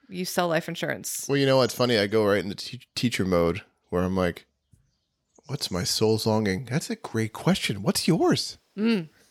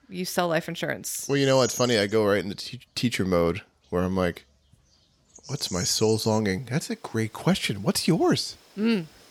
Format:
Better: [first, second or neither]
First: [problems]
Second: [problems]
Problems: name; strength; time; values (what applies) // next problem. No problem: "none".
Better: first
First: animal sounds; faint; throughout; 25 dB below the speech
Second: animal sounds; loud; throughout; 10 dB below the speech